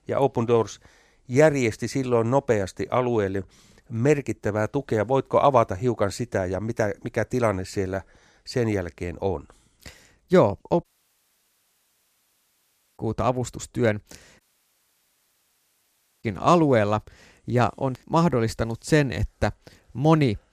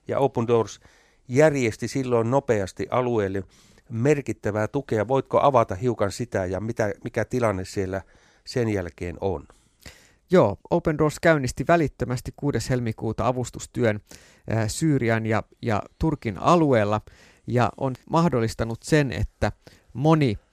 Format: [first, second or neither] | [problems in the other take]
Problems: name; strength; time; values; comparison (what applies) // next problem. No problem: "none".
second | audio cutting out; at 11 s for 2 s and at 14 s for 2 s